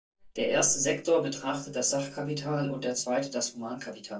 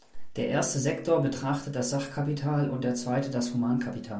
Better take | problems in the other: second | noise reduction (neural mask model DeepFilterNet 3)

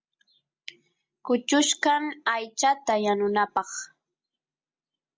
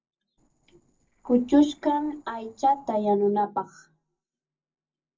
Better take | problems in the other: first | noise reduction (neural separator model SepFormer DNS4)

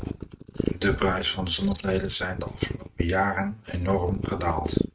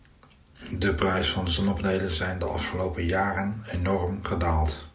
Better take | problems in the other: second | noise reduction (neural mask model RNNoise)

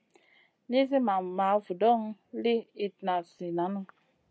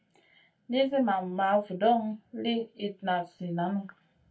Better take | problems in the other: first | room echo; dies away in 0.2 s

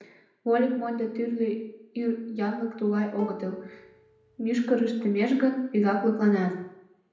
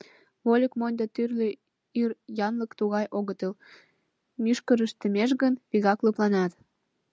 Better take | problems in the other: second | background sound (Plucked string instrument); 16 dB below the speech // room echo; dies away in 0.7 s

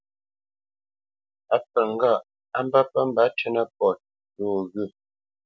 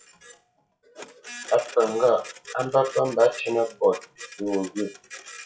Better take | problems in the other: first | noise reduction (classical method WPE with log-MMSE)

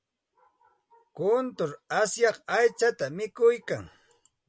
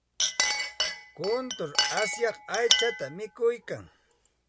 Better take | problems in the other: first | background sound (Chink, clink); 1 dB above the speech

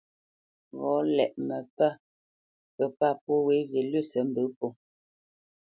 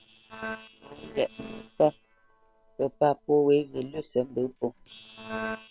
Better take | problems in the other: first | noise reduction (neural separator model SepFormer WHAM!)

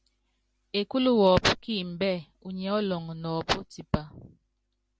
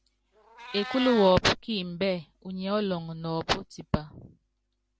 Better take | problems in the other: first | background sound (Meow); 16 dB below the speech

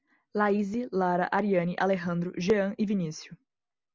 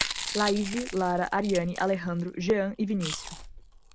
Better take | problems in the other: first | background sound (Chewing, mastication); 9 dB below the speech

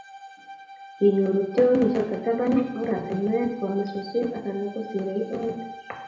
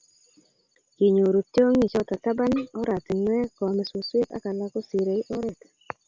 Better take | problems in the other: second | background sound (Bowed string instrument); 17 dB below the speech // room echo; dies away in 0.8 s

